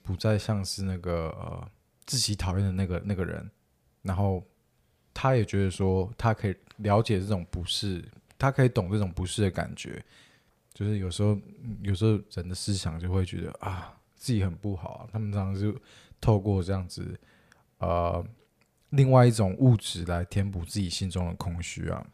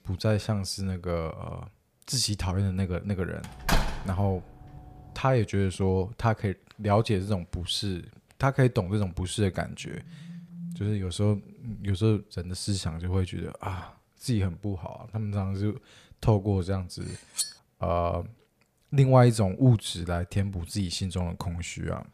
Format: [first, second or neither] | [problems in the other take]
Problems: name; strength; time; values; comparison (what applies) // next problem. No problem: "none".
first | door banging; loud; at 3.5 s; peak level with the speech // phone ringing; faint; from 10 to 11 s; peak 10 dB below the speech // clattering dishes; noticeable; at 17 s; peak 3 dB below the speech